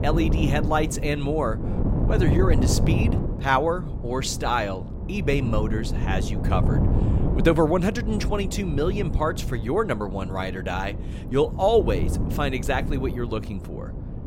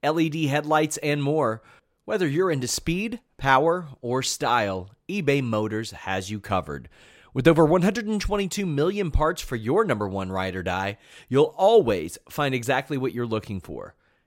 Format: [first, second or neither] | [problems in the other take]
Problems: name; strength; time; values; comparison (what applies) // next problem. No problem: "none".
second | wind noise on the microphone; heavy; 10 dB below the speech